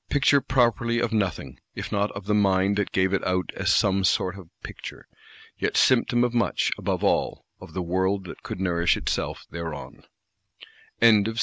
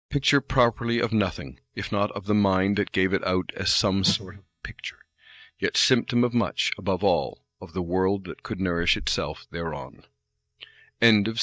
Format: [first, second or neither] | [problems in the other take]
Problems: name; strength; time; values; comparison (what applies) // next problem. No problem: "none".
first | noise reduction (neural mask model DeepFilterNet 3)